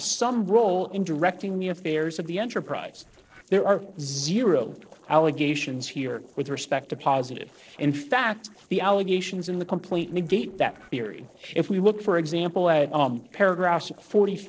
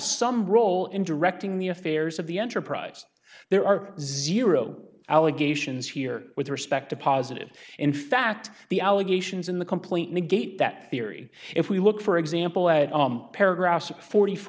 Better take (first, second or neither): second